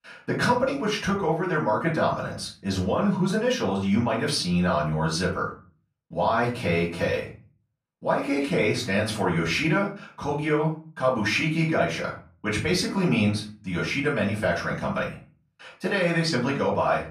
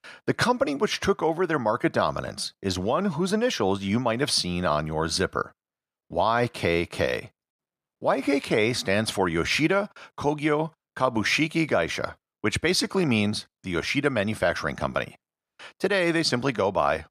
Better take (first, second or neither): second